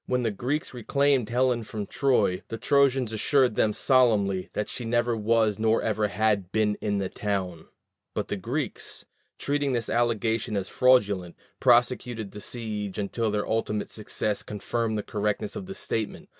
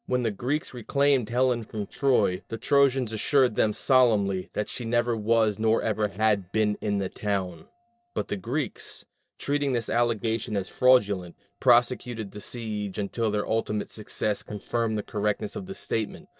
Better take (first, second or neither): first